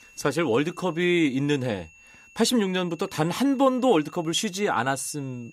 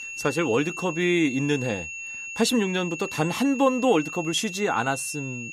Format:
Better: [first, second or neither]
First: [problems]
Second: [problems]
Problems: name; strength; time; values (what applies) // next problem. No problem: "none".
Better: first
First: high-pitched whine; faint; throughout; 2.5 kHz, 25 dB below the speech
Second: high-pitched whine; loud; throughout; 2.5 kHz, 9 dB below the speech